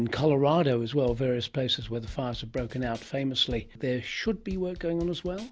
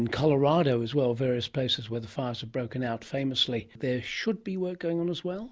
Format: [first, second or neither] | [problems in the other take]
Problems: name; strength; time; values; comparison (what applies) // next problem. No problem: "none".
second | background sound (Bass drum / Snare drum / Drum kit); 16 dB below the speech